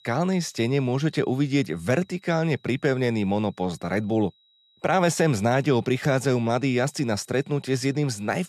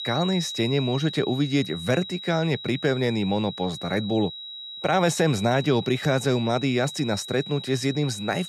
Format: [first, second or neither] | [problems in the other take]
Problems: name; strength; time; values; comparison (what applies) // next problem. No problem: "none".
first | high-pitched whine; loud; throughout; 4 kHz, 10 dB below the speech; faint in the first